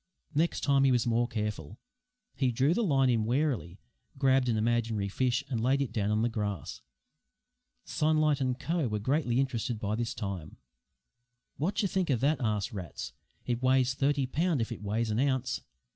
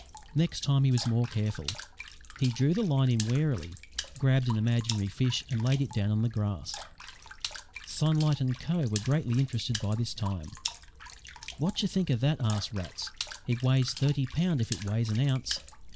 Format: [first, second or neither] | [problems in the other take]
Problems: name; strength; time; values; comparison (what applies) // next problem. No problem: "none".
first | background sound (Water / Splash, splatter); 14 dB below the speech